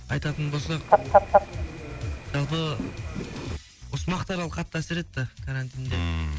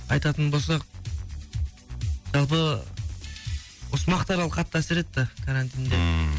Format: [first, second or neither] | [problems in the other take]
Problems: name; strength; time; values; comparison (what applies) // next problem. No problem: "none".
second | background sound (Fowl); 4 dB above the speech